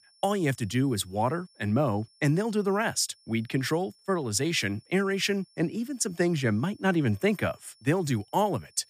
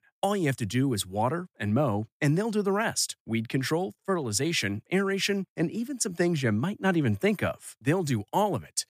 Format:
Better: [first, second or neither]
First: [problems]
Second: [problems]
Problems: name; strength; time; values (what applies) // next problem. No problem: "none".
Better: second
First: high-pitched whine; faint; throughout; 5.5 kHz, 30 dB below the speech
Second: none